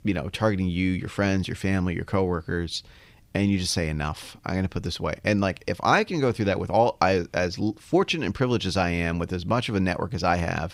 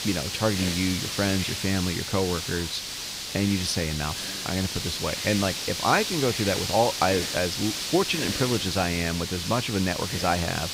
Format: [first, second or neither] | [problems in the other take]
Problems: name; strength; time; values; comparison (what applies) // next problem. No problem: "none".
first | hiss; loud; throughout; 3 dB below the speech